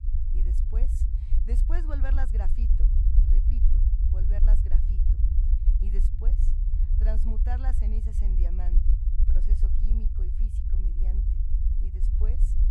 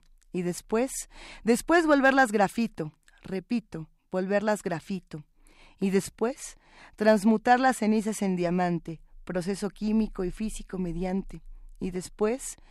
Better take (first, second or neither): second